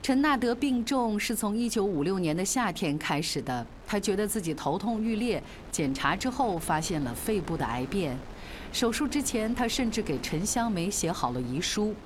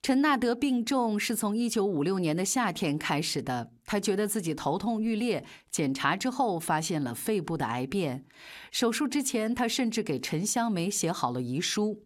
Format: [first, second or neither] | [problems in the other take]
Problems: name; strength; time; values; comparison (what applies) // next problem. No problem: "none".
second | wind noise on the microphone; occasional gusts; 20 dB below the speech